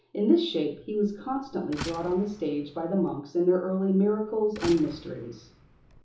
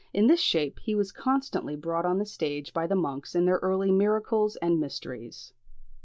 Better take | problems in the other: second | background sound (Slam); 16 dB below the speech // room echo; dies away in 1.2 s

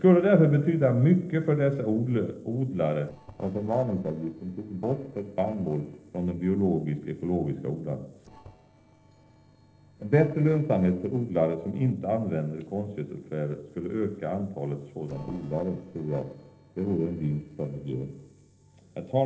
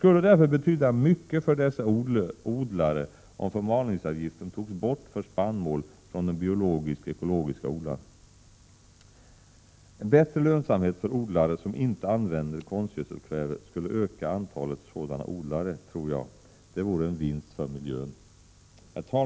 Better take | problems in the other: second | noise reduction (neural separator model SepFormer DNS4)

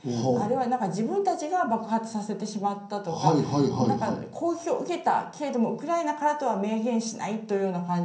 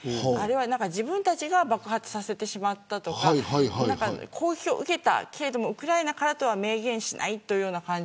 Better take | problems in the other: second | room echo; dies away in 0.6 s

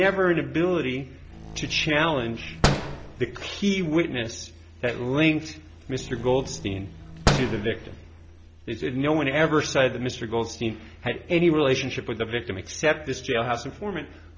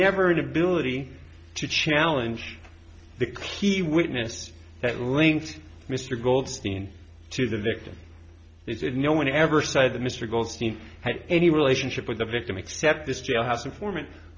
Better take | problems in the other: second | background sound (Slam); 5 dB below the speech

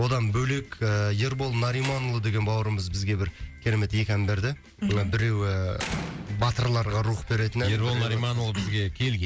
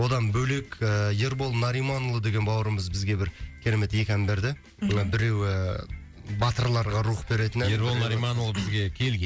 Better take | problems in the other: second | background sound (Slam); 18 dB below the speech

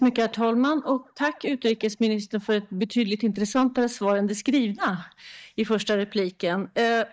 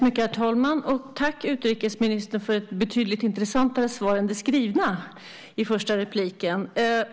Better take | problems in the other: second | noise reduction (neural mask model DeepFilterNet 3)

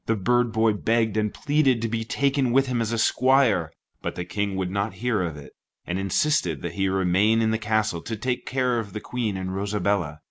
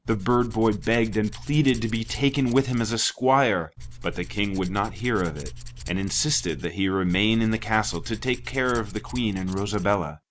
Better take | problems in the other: first | background sound (Tools); 12 dB below the speech

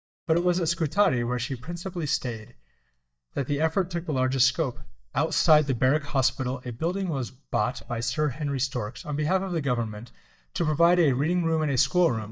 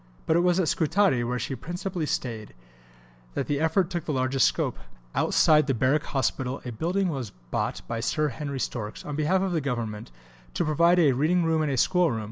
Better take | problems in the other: second | noise reduction (neural mask model DeepFilterNet 3)

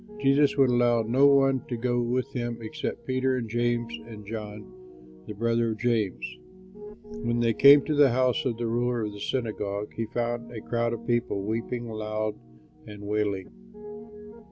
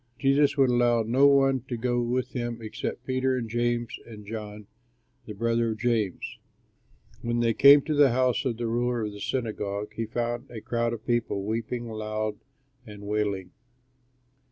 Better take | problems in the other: second | background sound (Piano); 17 dB below the speech

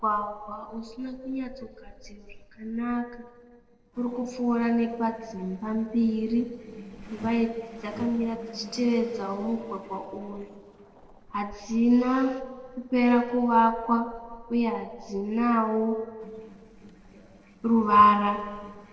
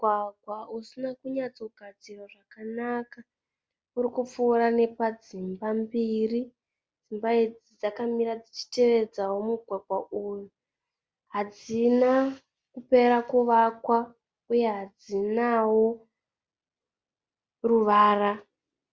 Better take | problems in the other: second | noise reduction (neural separator model SepFormer DNS4)

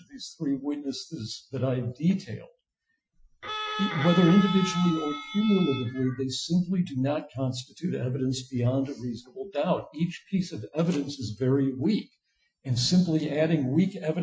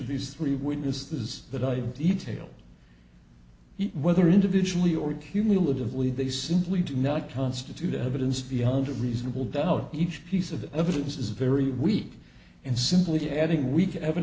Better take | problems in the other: second | noise reduction (classical method Wiener filter)

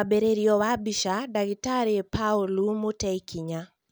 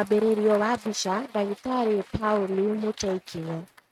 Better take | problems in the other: first | noise reduction (neural mask model RNNoise)

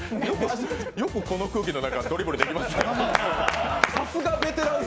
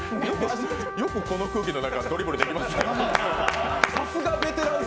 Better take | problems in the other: first | background sound (Trumpet); 9 dB below the speech

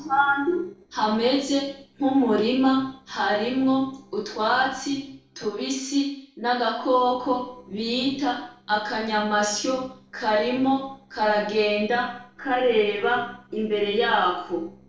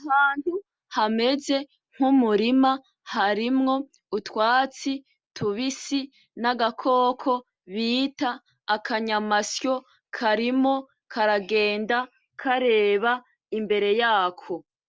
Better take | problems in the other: second | noise reduction (neural separator model SepFormer DNS4)

